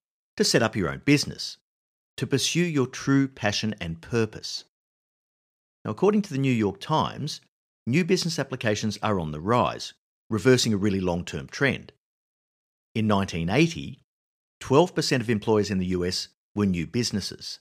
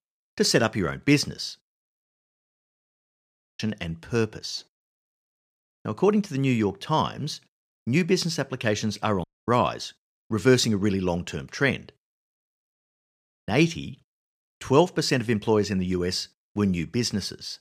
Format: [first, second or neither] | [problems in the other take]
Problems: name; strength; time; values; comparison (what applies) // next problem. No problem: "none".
first | audio cutting out; at 2 s for 1.5 s, at 9 s and at 13 s for 0.5 s